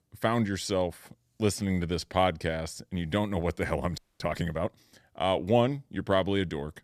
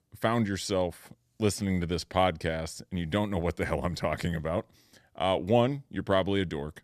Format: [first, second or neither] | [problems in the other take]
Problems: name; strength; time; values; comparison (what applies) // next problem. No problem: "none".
second | audio freezing; at 4 s